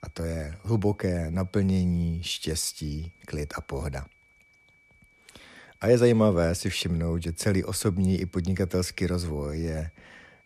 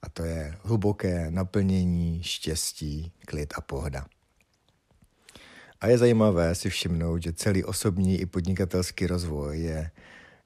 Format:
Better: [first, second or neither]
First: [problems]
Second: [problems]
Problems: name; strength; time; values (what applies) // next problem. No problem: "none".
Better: second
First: high-pitched whine; faint; throughout; 2.5 kHz, 35 dB below the speech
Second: none